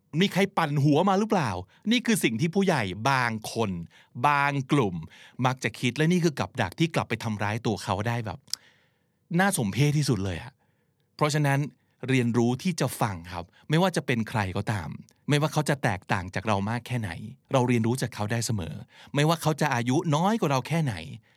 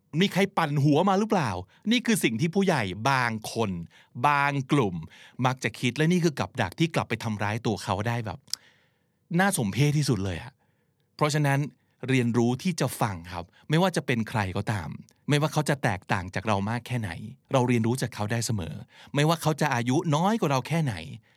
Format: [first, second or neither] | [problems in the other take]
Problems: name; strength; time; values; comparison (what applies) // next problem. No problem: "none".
neither | none